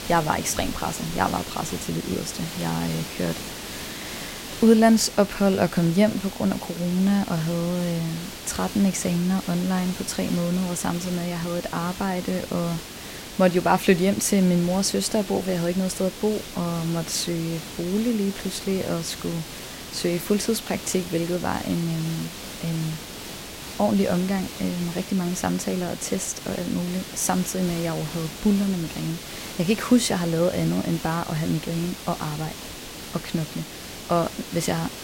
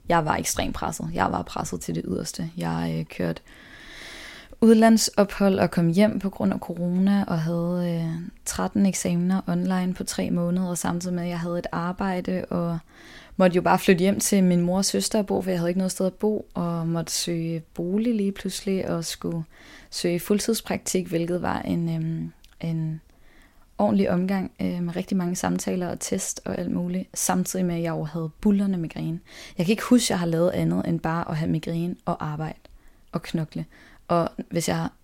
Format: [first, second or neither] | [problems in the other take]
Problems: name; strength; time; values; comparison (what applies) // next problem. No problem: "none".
second | hiss; noticeable; throughout; 10 dB below the speech